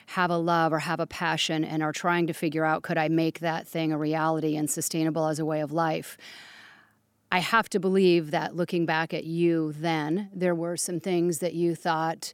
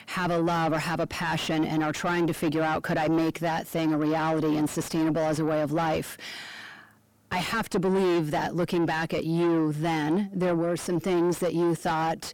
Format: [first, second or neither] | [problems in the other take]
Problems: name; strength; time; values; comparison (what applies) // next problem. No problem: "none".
first | distortion; heavy; 5 dB below the speech